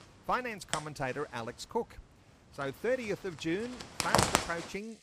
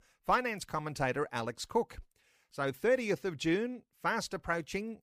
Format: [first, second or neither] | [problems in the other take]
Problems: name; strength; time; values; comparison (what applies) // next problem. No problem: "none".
second | household noises; very loud; throughout; 5 dB above the speech